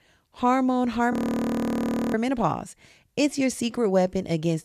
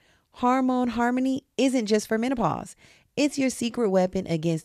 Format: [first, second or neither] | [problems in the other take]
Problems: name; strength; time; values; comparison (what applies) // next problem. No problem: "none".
second | audio freezing; at 1 s for 1 s